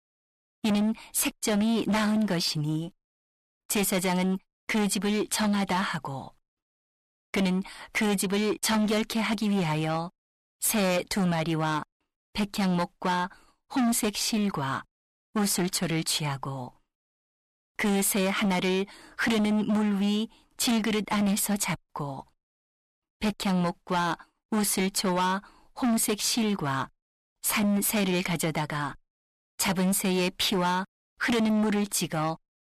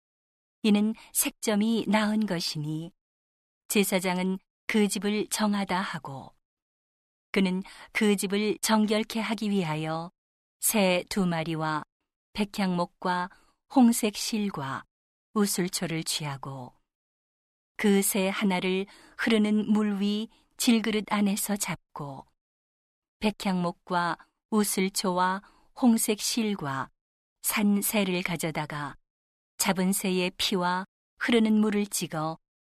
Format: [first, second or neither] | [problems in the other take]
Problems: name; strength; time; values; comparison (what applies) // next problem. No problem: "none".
second | distortion; heavy; 16% of the sound clipped